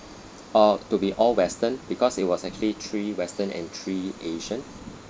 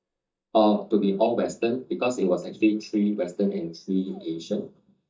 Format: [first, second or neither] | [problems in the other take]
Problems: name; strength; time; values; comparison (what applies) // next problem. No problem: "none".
first | noise reduction (neural mask model DeepFilterNet 3)